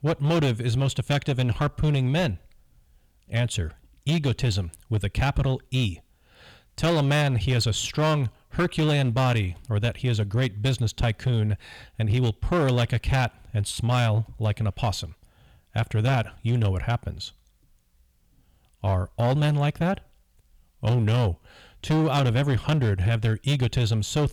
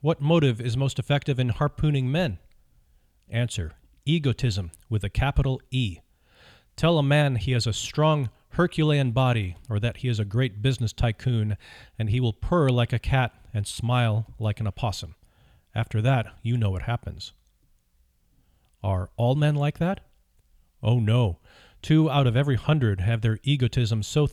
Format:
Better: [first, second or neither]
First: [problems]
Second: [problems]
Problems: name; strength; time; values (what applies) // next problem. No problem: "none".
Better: second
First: distortion; slight; 14% of the sound clipped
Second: none